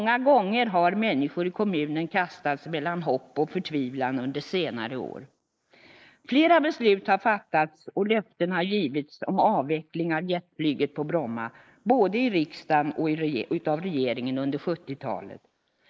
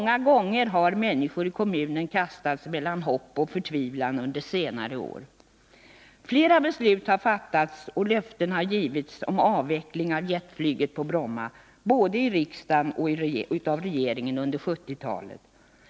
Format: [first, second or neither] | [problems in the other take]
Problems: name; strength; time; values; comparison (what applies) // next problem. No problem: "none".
second | noise reduction (neural mask model Resemble Enhance denoiser)